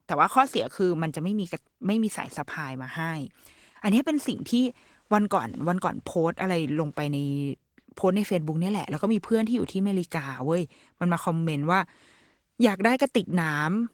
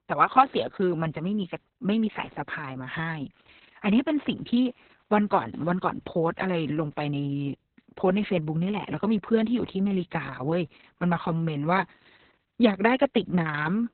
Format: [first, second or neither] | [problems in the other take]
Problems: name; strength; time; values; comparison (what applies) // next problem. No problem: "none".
first | garbled, watery; badly; nothing above 4 kHz; slightly in the first